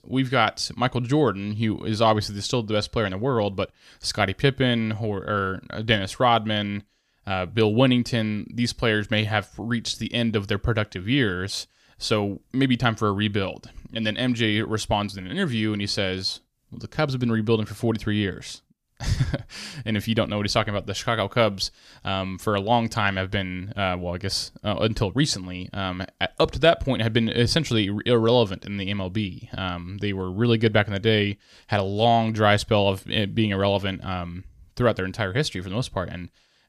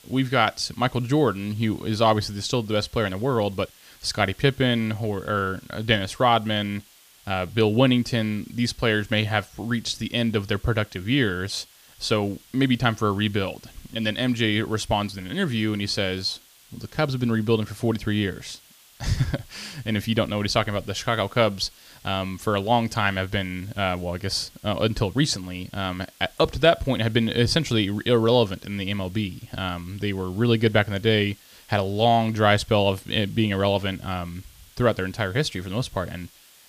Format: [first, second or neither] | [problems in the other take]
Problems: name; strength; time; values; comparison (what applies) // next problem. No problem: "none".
first | hiss; faint; throughout; 25 dB below the speech